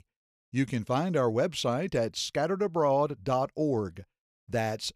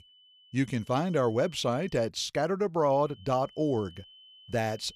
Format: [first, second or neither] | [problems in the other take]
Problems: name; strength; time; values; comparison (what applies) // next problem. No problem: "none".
first | high-pitched whine; faint; until 2 s and from 3 s on; 3 kHz, 25 dB below the speech